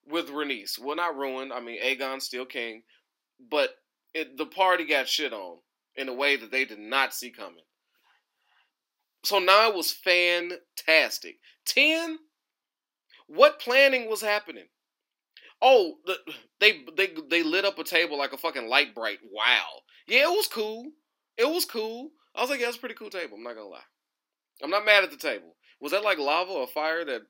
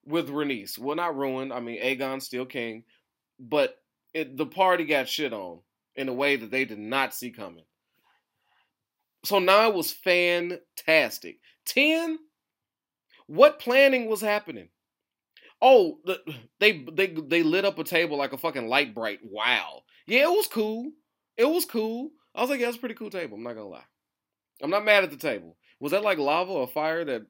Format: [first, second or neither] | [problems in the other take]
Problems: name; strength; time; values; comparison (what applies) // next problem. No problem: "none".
second | thin; very slightly; fading below 300 Hz